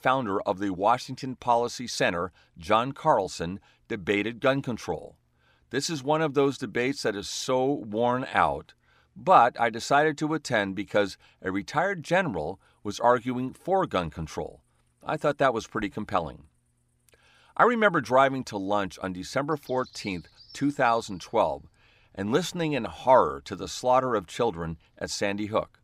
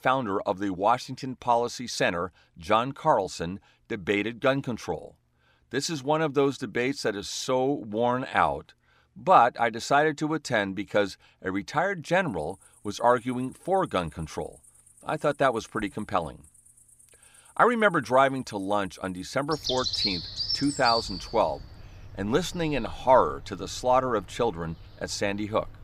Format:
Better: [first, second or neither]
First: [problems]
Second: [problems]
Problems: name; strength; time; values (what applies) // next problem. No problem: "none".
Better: first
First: animal sounds; faint; from 12 s on; 30 dB below the speech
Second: animal sounds; loud; from 12 s on; 6 dB below the speech